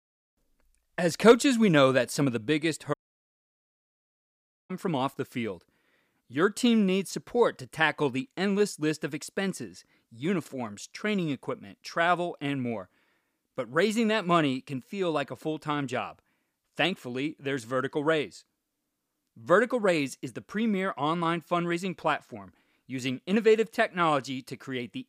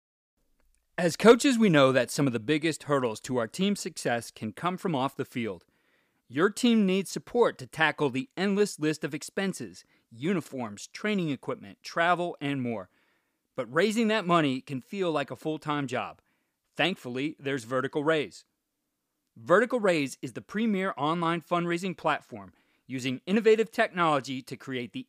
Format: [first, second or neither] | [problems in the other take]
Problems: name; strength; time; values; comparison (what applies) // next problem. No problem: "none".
second | audio cutting out; at 3 s for 2 s